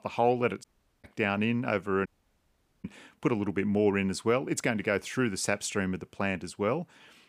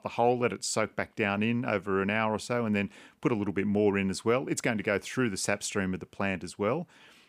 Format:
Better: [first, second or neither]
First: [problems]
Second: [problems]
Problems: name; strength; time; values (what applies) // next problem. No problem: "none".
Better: second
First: audio cutting out; at 0.5 s and at 2 s for 1 s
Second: none